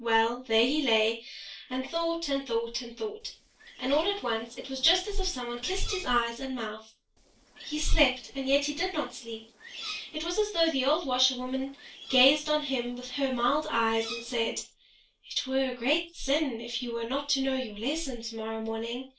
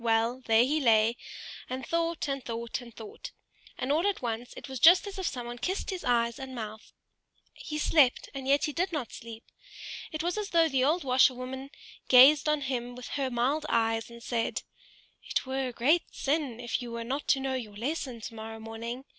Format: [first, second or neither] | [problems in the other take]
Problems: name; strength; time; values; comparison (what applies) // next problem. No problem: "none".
second | noise reduction (neural separator model SepFormer DNS4)